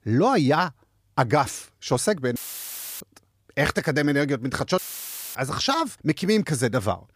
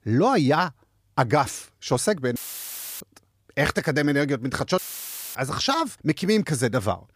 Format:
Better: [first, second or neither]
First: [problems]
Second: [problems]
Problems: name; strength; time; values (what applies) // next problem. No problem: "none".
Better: neither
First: audio cutting out; filled with static; at 2.5 s for 0.5 s and at 5 s for 0.5 s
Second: audio cutting out; filled with static; at 2.5 s for 0.5 s and at 5 s for 0.5 s